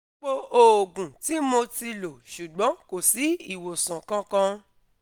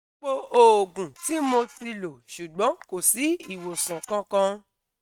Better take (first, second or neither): first